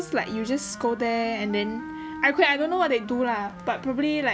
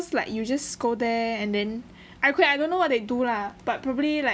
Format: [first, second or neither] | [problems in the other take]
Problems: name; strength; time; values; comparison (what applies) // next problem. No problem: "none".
second | background sound (Wind instrument, woodwind instrument); 14 dB below the speech